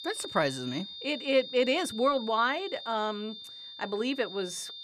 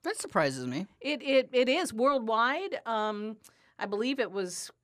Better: second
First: high-pitched whine; noticeable; throughout; 3.5 kHz, 10 dB below the speech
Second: none

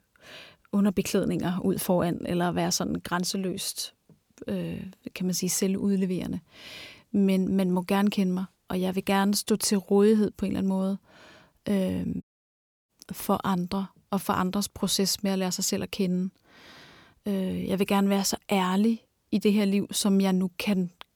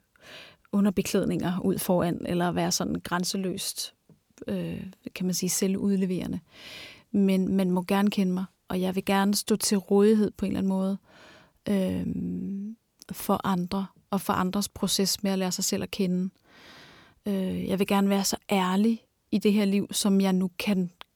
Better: second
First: audio cutting out; at 12 s for 0.5 s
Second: none

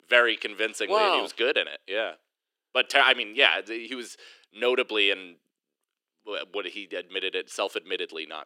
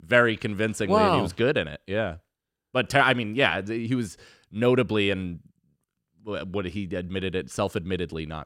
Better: second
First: thin; very; fading below 350 Hz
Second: none

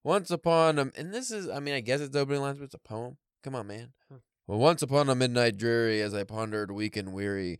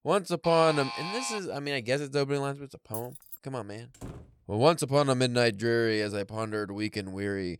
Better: first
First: none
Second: alarm; noticeable; at 0.5 s; peak 6 dB below the speech // jangling keys; faint; at 3 s; peak 10 dB below the speech // door banging; faint; at 4 s; peak 15 dB below the speech

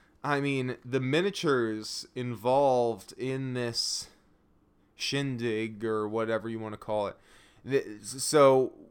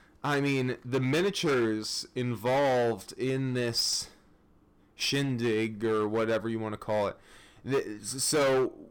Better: first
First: none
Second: distortion; heavy; 11% of the sound clipped

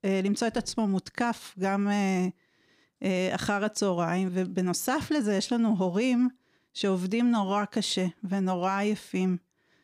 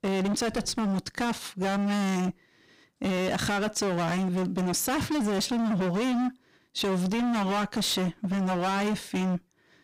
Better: first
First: none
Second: distortion; heavy; 35% of the sound clipped

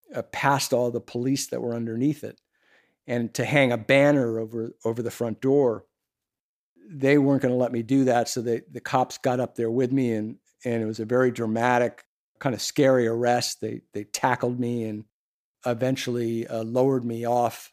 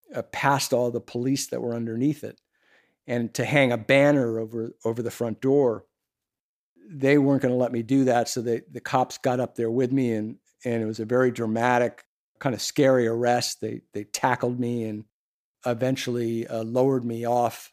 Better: neither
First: none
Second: none

